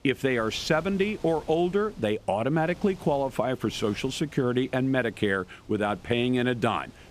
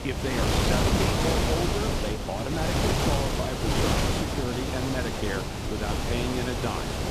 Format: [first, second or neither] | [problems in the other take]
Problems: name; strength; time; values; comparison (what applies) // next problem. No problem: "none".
first | wind noise on the microphone; heavy; 5 dB above the speech; occasional gusts in the first